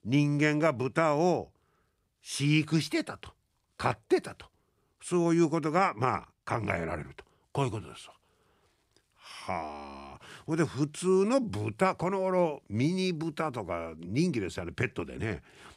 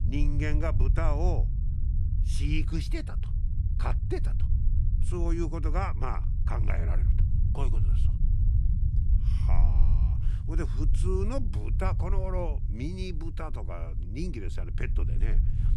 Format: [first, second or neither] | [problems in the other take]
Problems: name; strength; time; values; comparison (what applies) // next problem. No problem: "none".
first | low rumble; loud; throughout; 9 dB below the speech